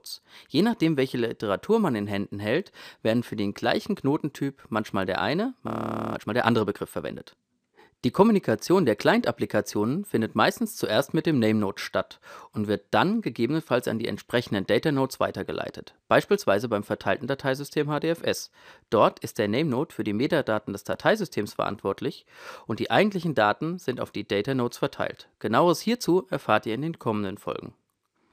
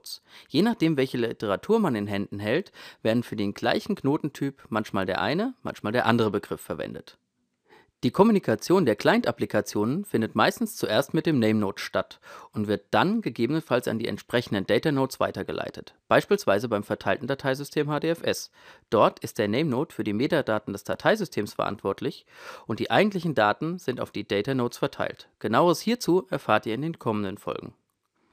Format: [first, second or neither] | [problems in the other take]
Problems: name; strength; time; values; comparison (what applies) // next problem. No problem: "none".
second | audio freezing; at 5.5 s